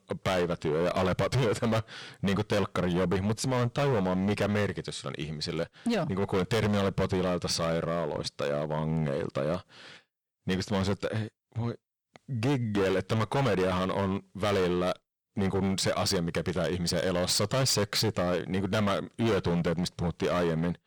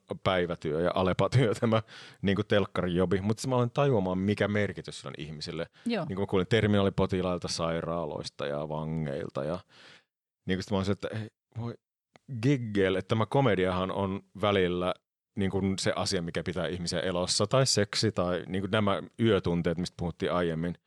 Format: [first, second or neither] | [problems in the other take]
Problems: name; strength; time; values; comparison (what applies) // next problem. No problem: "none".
second | distortion; heavy; 17% of the sound clipped